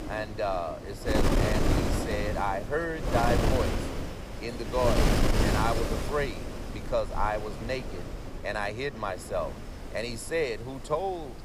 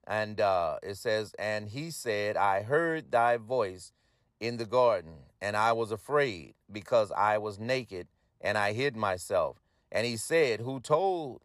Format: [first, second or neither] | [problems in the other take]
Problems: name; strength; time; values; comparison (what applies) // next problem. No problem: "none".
second | wind noise on the microphone; heavy; 2 dB below the speech